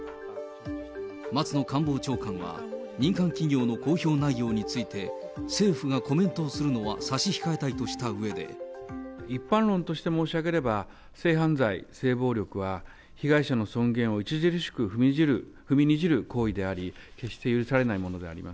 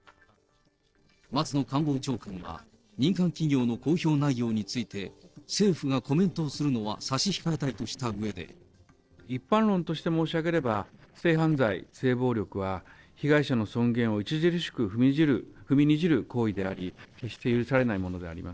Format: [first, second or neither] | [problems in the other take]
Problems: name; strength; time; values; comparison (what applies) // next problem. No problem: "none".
first | noise reduction (neural separator model SepFormer DNS4)